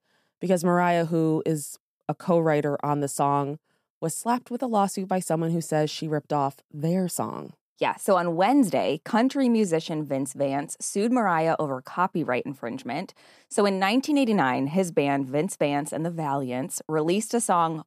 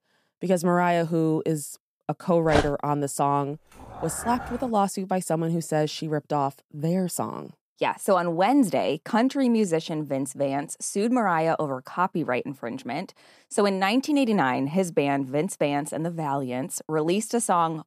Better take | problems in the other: first | dog barking; noticeable; at 2.5 s; peak 2 dB below the speech // dog barking; faint; at 3.5 s; peak 10 dB below the speech

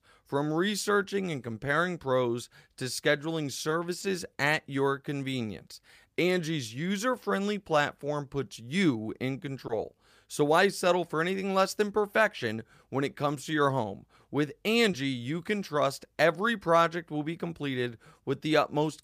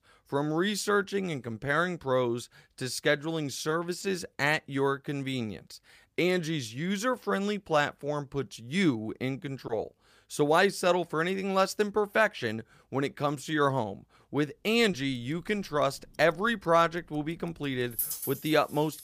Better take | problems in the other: first | household noises; loud; from 15 s on; 6 dB below the speech

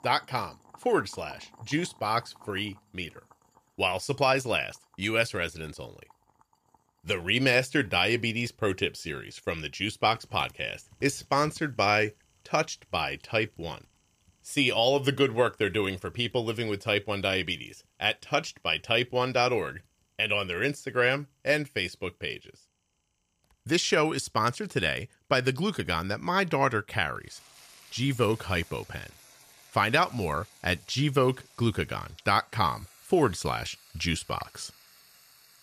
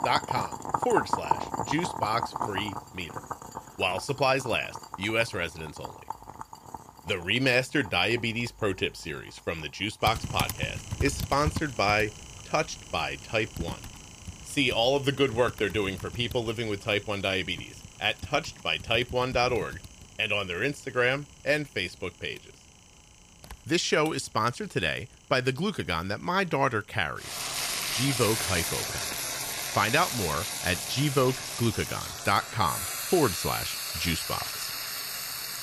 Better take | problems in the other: first | household noises; loud; throughout; 5 dB below the speech; faint in the first

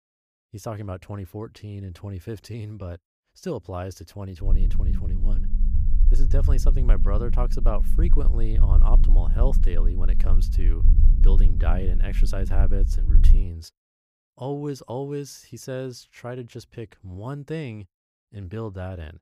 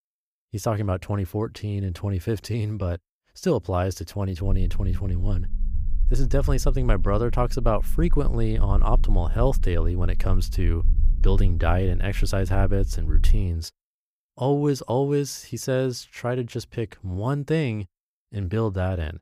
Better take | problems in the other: second | low rumble; loud; from 4.5 to 13 s; 8 dB below the speech; faint in the second

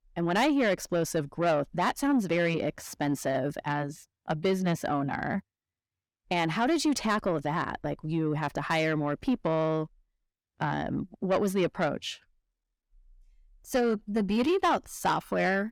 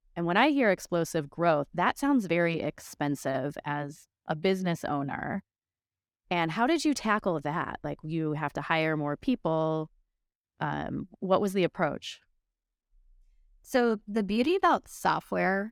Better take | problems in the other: second | distortion; slight; 10 dB below the speech

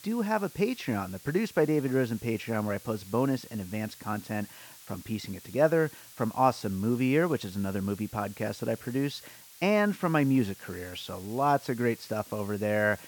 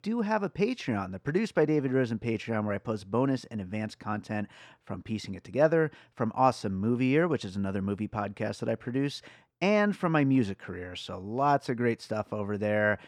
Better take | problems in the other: second | hiss; noticeable; throughout; 20 dB below the speech

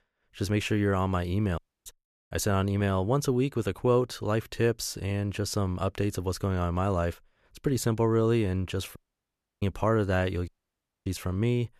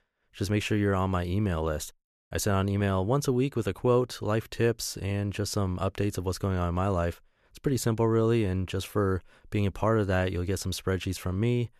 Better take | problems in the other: second | audio cutting out; at 1.5 s, at 9 s for 0.5 s and at 10 s for 0.5 s

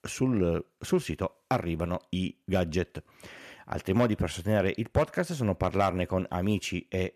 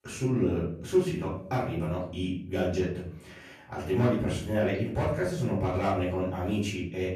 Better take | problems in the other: first | room echo; noticeable; dies away in 0.5 s // off-mic speech; far

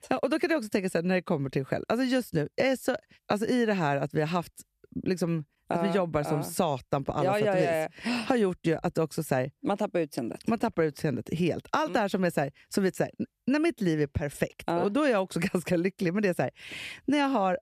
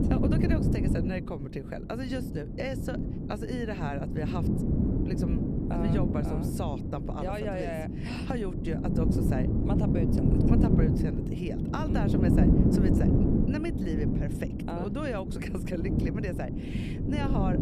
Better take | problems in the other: first | wind noise on the microphone; heavy; 2 dB above the speech

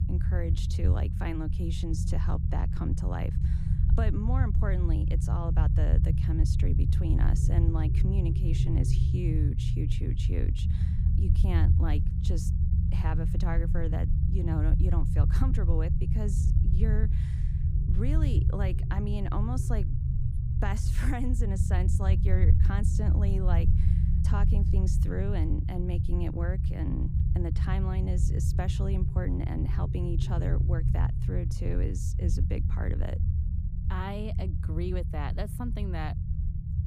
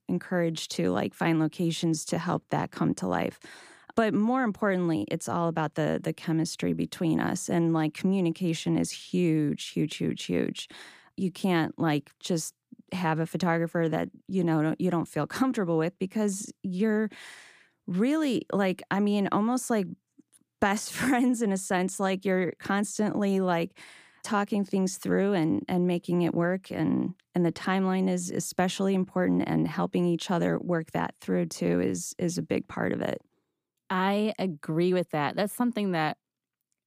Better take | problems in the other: second | low rumble; loud; throughout; 3 dB below the speech

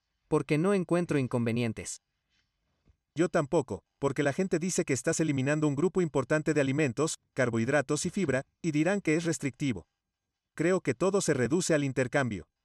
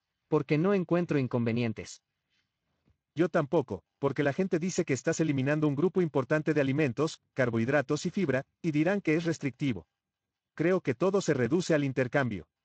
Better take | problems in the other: first | garbled, watery; slightly; nothing above 7.5 kHz

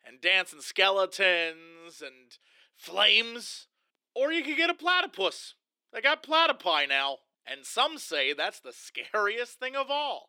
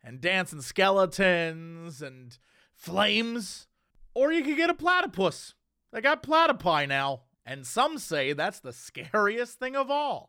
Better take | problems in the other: second | thin; somewhat; fading below 300 Hz

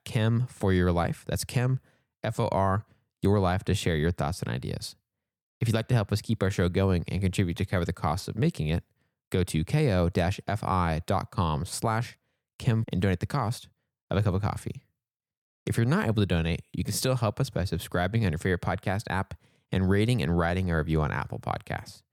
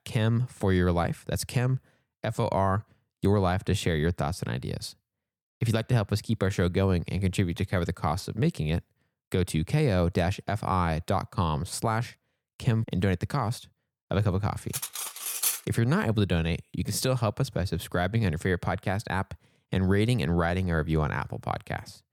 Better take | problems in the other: first | clattering dishes; loud; at 15 s; peak 1 dB above the speech

